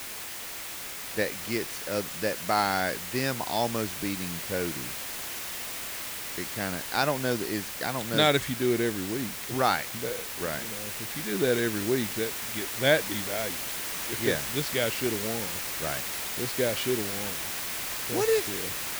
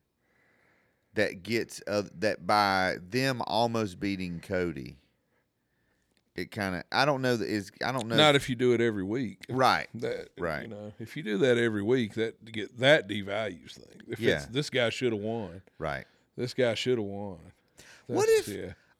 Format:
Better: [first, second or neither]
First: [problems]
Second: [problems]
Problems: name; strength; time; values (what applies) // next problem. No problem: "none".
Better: second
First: hiss; loud; throughout; 3 dB below the speech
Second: none